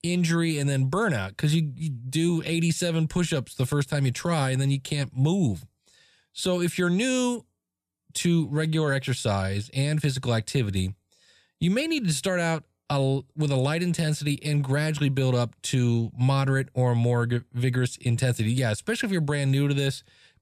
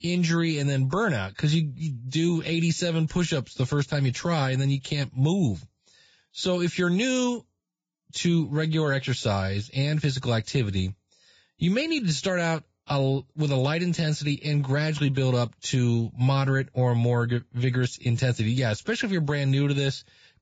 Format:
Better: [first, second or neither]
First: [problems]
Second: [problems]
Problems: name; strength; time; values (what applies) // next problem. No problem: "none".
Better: first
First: none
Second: garbled, watery; badly; nothing above 7.5 kHz